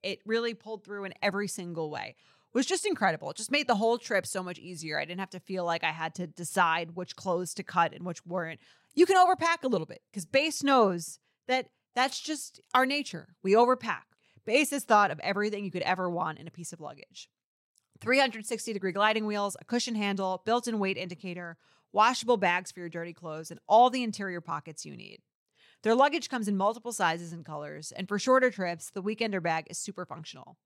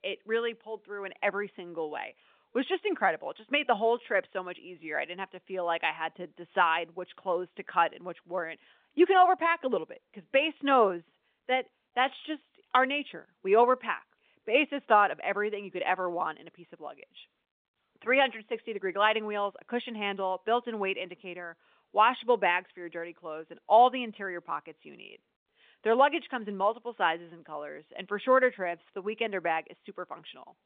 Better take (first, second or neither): first